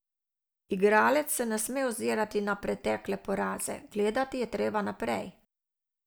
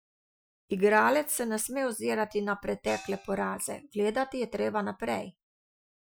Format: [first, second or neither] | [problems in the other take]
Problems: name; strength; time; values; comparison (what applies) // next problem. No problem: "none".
first | noise reduction (classical method Wiener filter)